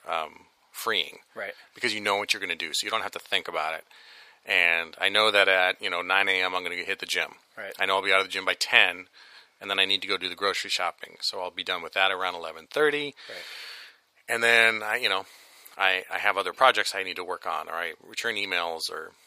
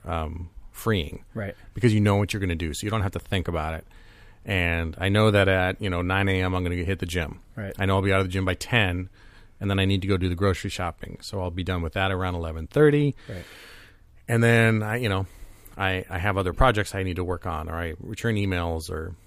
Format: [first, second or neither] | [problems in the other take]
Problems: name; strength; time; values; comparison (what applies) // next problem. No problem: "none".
second | thin; very; fading below 750 Hz